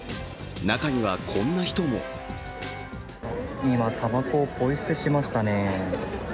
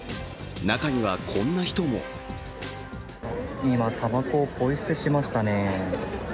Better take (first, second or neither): second